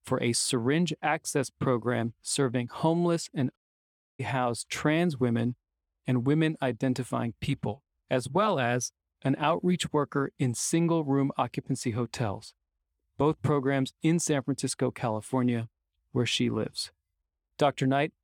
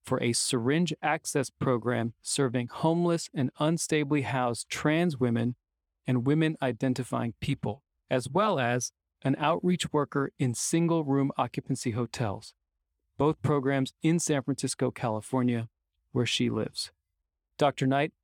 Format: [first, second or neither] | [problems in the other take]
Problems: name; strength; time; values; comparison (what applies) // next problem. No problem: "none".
second | audio cutting out; at 3.5 s for 0.5 s